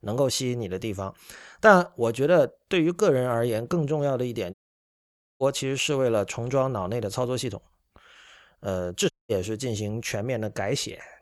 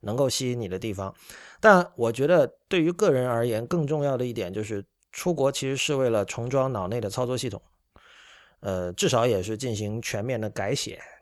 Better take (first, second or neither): second